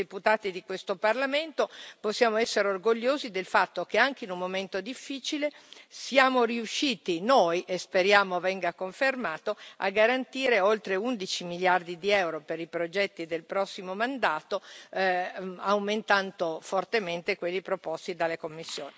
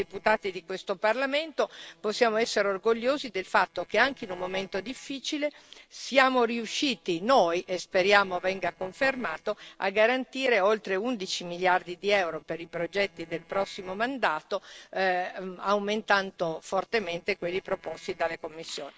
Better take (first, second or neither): first